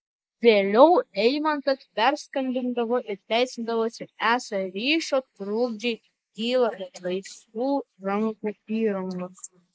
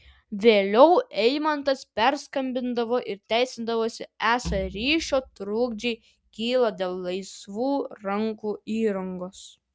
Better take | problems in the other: second | noise reduction (neural mask model Resemble Enhance denoiser)

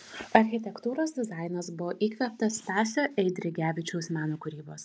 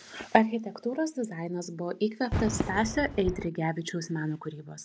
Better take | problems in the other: first | background sound (Fireworks); 9 dB below the speech

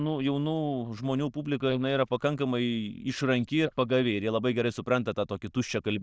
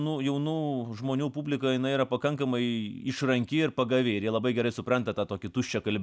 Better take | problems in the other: second | noise reduction (neural diffusion model UNIVERSE++)

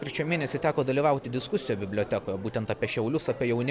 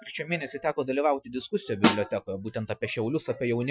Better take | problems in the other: first | noise reduction (classical method Wiener filter)

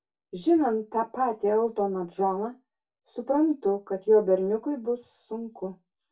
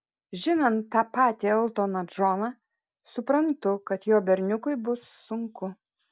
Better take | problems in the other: second | room echo; dies away in 0.2 s

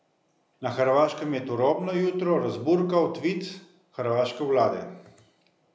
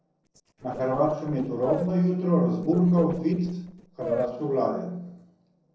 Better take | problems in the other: first | noise reduction (neural separator model SepFormer DNS4)

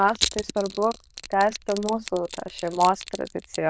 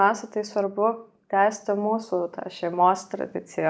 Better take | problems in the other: second | noise reduction (neural diffusion model UNIVERSE++)

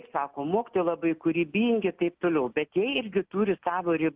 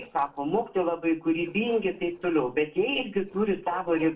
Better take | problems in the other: first | noise reduction (neural separator model SepFormer DNS4)

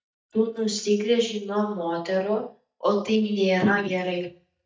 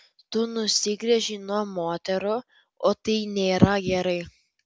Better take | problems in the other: second | noise reduction (neural mask model DeepFilterNet 3)

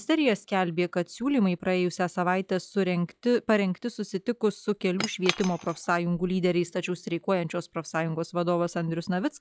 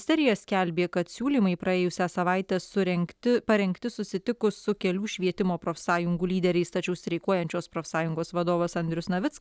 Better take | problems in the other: second | noise reduction (classical method log-MMSE)

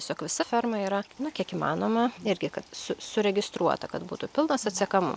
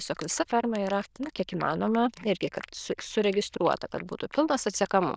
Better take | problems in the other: first | noise reduction (neural diffusion model UNIVERSE++)

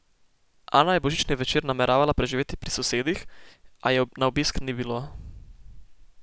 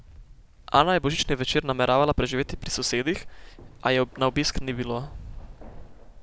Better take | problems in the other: first | background sound (Keys jangling); 20 dB below the speech

